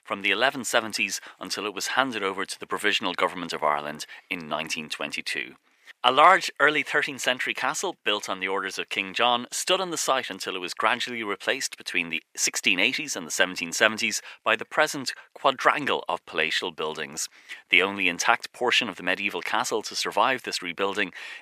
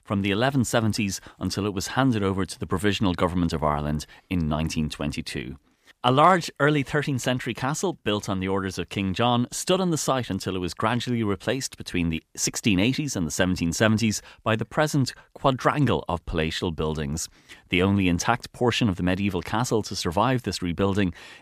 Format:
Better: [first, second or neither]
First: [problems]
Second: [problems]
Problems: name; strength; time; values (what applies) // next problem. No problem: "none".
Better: second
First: thin; very; fading below 450 Hz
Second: none